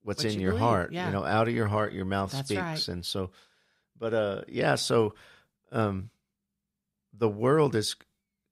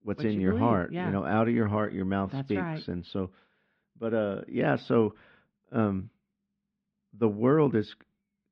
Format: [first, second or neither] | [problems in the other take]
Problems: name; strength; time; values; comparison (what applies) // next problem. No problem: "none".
first | muffled; very; fading above 3 kHz